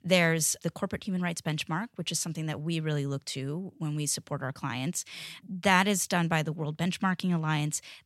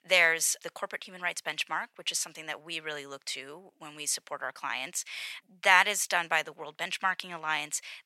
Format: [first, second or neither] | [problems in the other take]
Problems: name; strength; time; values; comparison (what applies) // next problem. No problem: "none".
first | thin; very; fading below 700 Hz